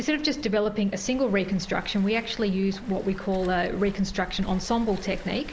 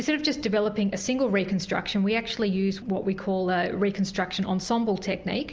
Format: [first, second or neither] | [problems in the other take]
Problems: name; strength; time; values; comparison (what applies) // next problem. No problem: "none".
second | background sound (Waves, surf); 14 dB below the speech